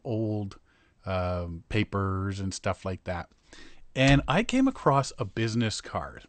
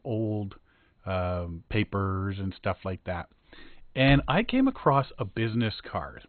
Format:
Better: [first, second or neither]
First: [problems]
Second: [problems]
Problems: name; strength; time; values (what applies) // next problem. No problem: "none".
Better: first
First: garbled, watery; slightly; nothing above 8.5 kHz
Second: garbled, watery; badly; nothing above 4 kHz